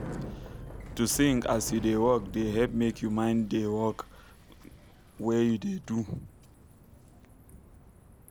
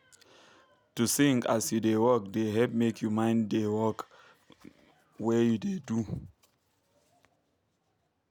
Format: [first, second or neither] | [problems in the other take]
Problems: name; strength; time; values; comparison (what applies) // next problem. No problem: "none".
second | background sound (Bicycle); 14 dB below the speech